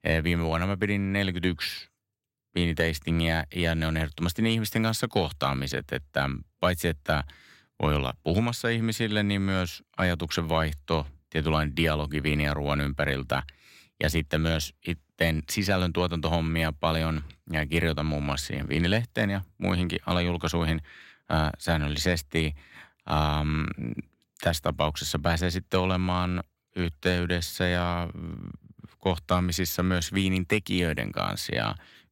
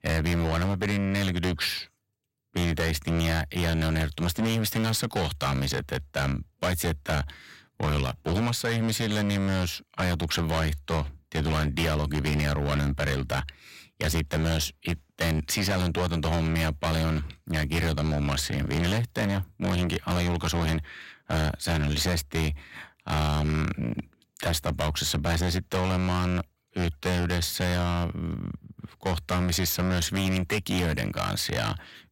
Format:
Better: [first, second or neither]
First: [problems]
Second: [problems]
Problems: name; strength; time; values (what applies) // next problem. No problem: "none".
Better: first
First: none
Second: distortion; heavy; 6 dB below the speech